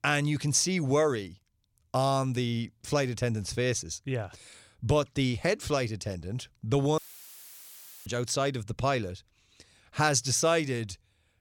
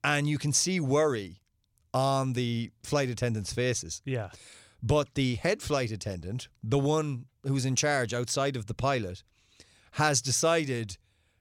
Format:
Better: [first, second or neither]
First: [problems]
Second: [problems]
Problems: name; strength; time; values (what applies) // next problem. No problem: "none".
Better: second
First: audio cutting out; filled with static; at 7 s for 1 s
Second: none